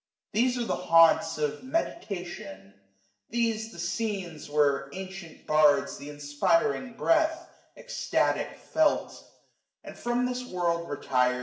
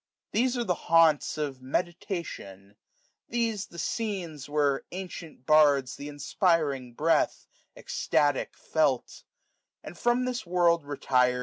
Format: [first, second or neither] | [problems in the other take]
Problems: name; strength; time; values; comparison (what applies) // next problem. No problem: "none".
second | room echo; dies away in 0.7 s